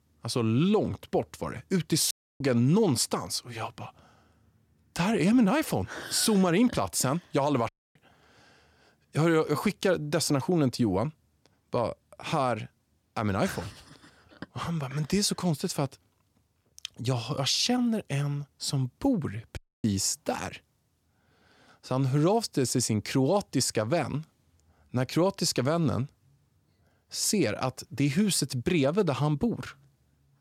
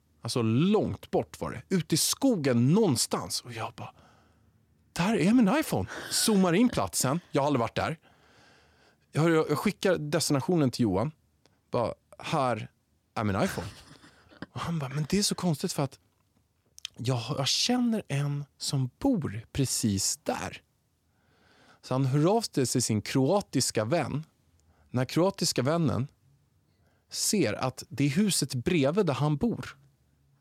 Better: second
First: audio cutting out; at 2 s, at 7.5 s and at 20 s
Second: none

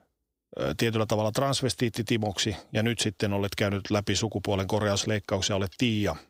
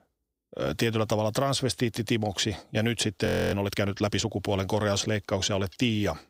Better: first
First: none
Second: audio freezing; at 3.5 s

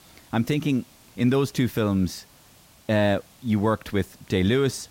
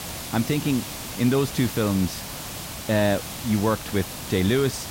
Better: first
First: hiss; faint; throughout; 30 dB below the speech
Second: hiss; loud; throughout; 9 dB below the speech

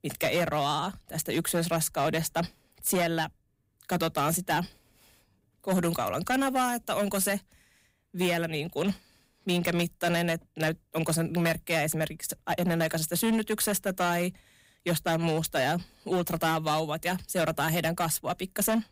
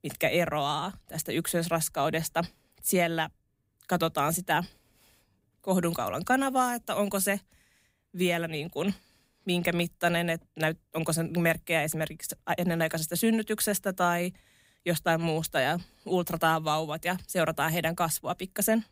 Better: second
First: distortion; slight; 8% of the sound clipped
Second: none

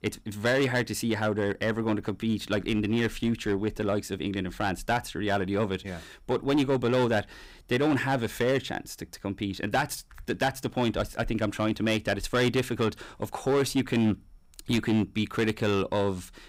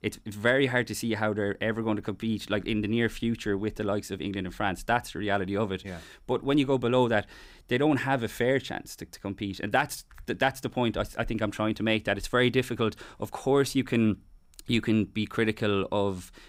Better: second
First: distortion; slight; 6% of the sound clipped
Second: none

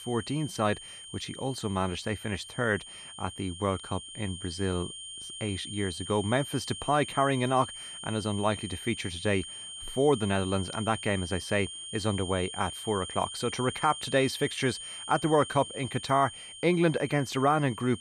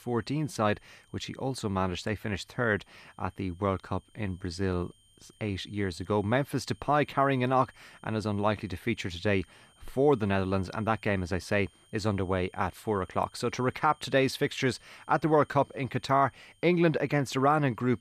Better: second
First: high-pitched whine; loud; throughout; 3 kHz, 10 dB below the speech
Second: high-pitched whine; faint; throughout; 3 kHz, 30 dB below the speech

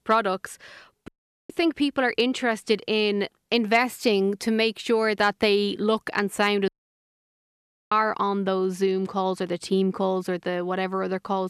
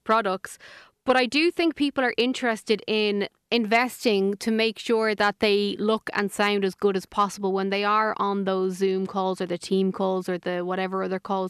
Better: second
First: audio cutting out; at 1 s and at 6.5 s for 1 s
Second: none

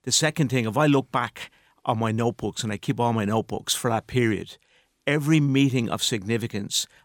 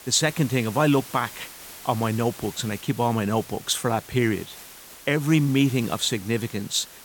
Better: first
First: none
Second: hiss; noticeable; throughout; 15 dB below the speech

